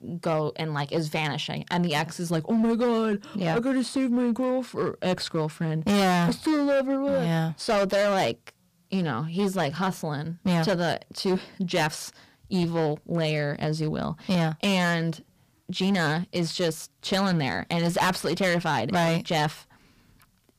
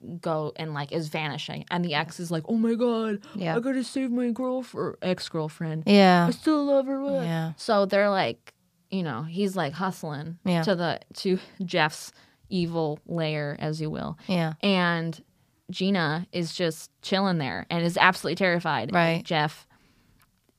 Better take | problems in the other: second | distortion; heavy; 11% of the sound clipped

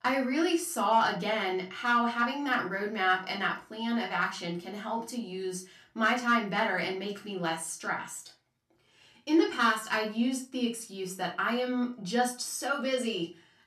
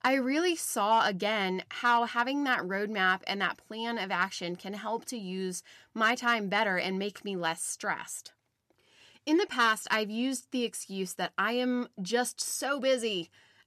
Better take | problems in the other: second | off-mic speech; far // room echo; very slight; dies away in 0.3 s

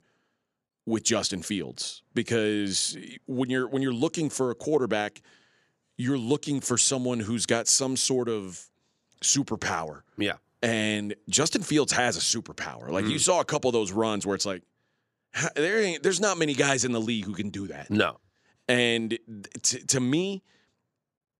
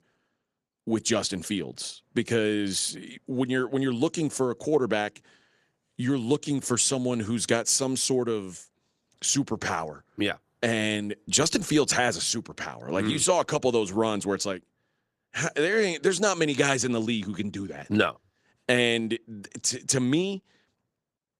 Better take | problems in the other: first | garbled, watery; slightly

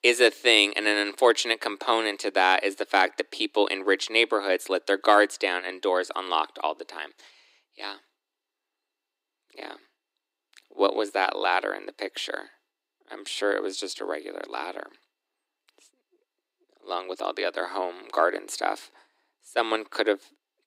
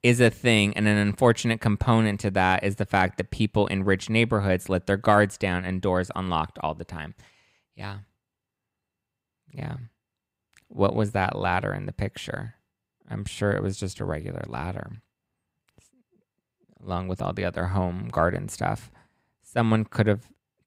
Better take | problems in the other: second | thin; very; fading below 300 Hz

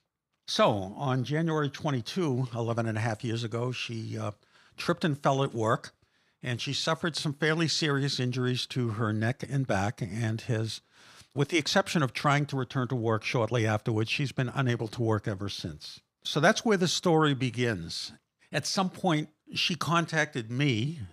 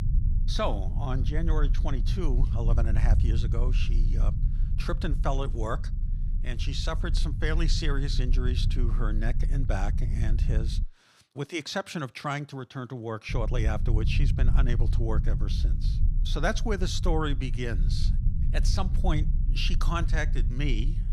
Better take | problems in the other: first | low rumble; noticeable; until 11 s and from 13 s on; 10 dB below the speech

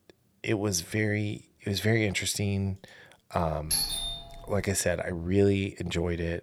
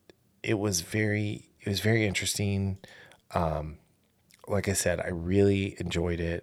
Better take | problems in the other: second | doorbell; loud; at 3.5 s; peak 3 dB above the speech

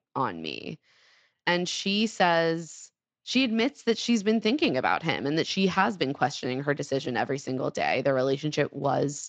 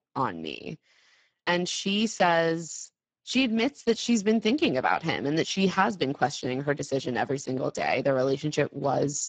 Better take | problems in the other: first | garbled, watery; badly; nothing above 7.5 kHz; slightly in the first

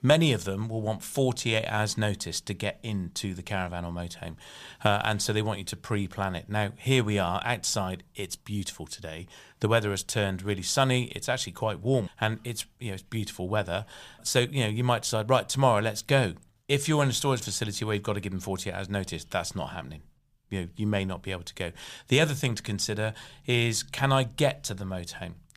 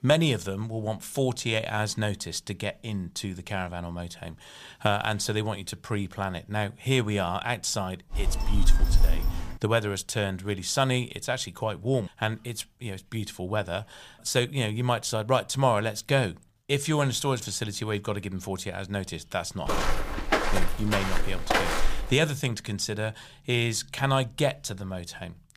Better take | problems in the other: first | phone ringing; loud; from 8 to 9.5 s; peak 4 dB above the speech // footsteps; loud; from 20 to 22 s; peak 3 dB above the speech

